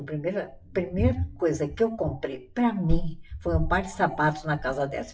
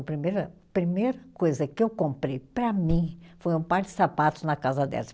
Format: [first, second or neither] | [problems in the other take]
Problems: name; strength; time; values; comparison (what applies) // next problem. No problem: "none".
second | noise reduction (classical method WPE with log-MMSE)